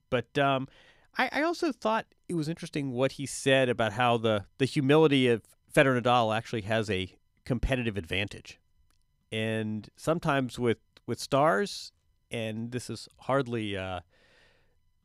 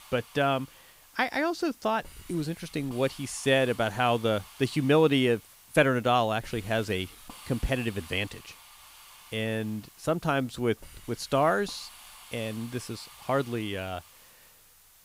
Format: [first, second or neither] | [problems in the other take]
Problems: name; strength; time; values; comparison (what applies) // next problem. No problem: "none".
first | hiss; faint; throughout; 20 dB below the speech